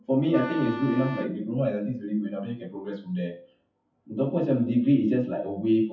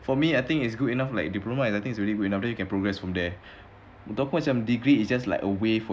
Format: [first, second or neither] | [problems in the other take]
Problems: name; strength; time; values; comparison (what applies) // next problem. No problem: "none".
second | noise reduction (classical method WPE with log-MMSE)